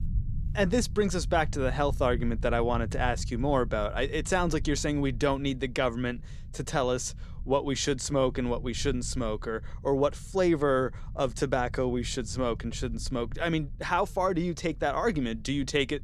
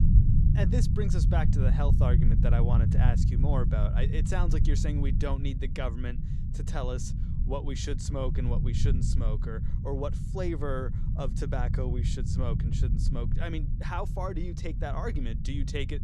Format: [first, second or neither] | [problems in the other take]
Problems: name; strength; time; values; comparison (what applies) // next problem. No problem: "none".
first | low rumble; loud; throughout; 5 dB below the speech; faint in the first